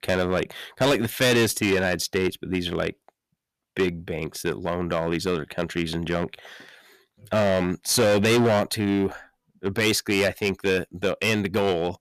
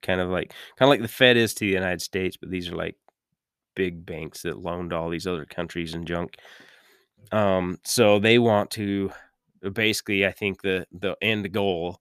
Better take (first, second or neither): second